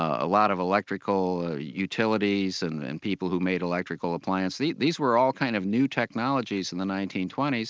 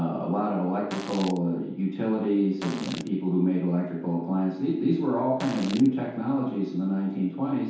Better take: first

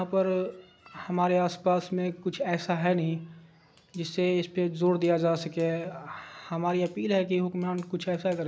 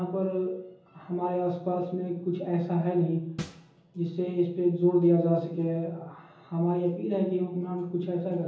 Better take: first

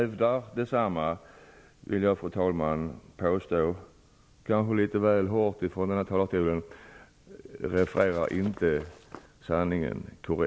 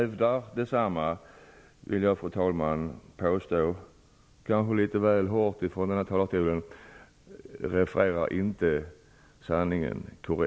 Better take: second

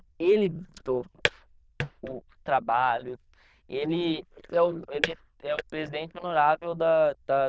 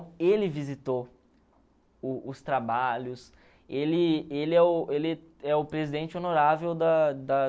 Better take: second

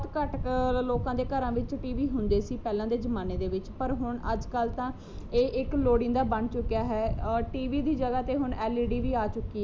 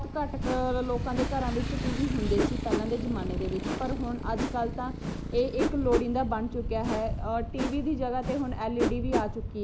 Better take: first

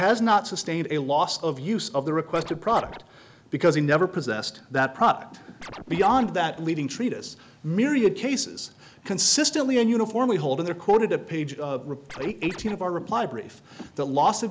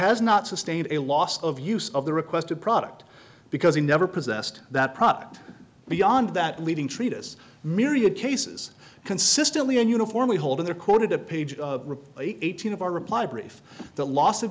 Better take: second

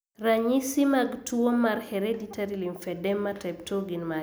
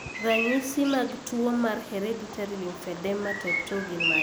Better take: first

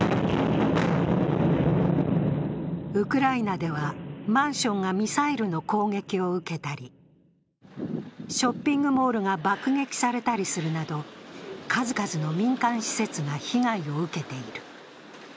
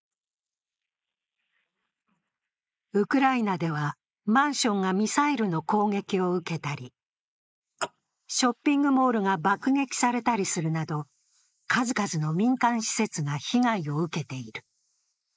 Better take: first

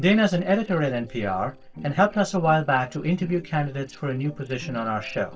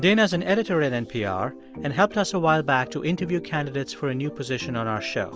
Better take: second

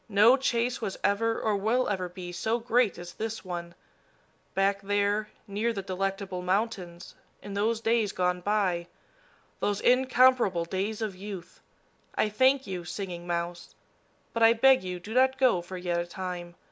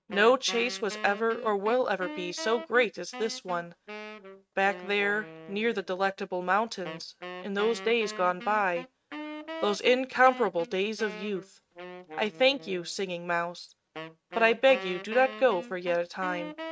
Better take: first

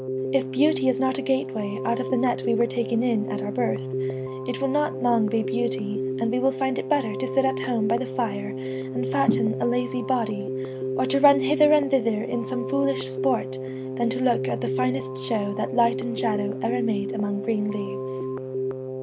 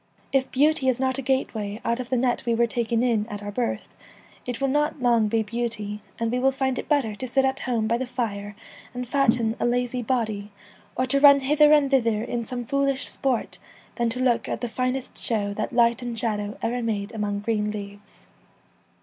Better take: second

